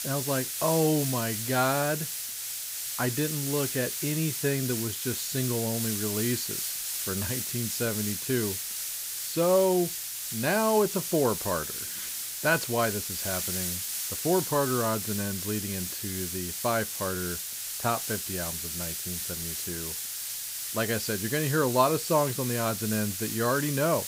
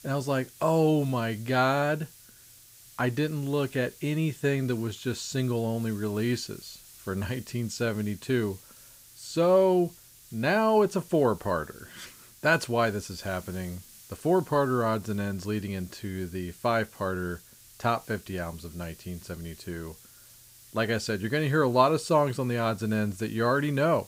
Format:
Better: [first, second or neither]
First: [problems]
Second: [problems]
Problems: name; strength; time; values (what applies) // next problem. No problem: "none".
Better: second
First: hiss; loud; throughout; 2 dB below the speech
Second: hiss; faint; throughout; 20 dB below the speech